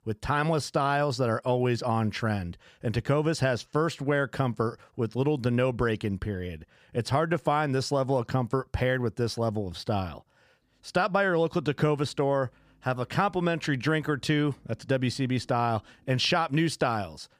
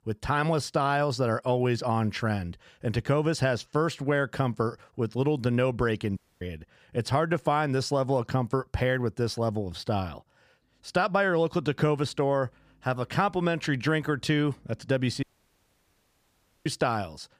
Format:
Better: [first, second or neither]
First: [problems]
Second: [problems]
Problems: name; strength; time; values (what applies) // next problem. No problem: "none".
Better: first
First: none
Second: audio cutting out; at 6 s and at 15 s for 1.5 s